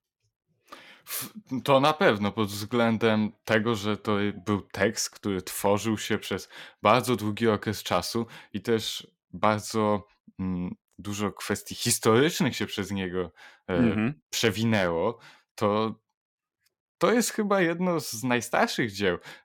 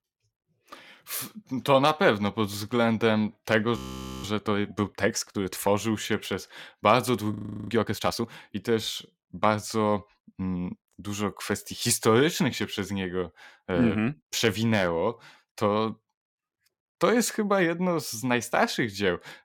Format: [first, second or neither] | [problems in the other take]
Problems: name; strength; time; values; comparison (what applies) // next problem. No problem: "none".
first | audio freezing; at 4 s and at 7.5 s